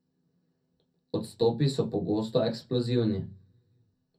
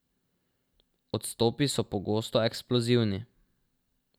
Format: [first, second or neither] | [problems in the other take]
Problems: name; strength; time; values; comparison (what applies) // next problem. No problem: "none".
second | room echo; dies away in 0.3 s